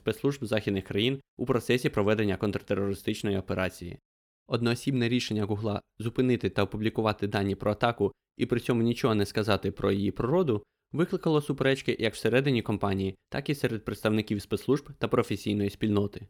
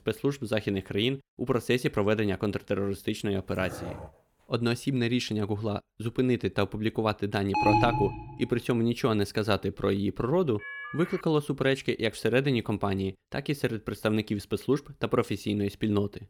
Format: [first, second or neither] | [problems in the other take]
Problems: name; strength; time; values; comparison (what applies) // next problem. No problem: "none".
first | dog barking; faint; at 3.5 s; peak 10 dB below the speech // alarm; loud; at 7.5 s; peak 4 dB above the speech // phone ringing; noticeable; at 11 s; peak 9 dB below the speech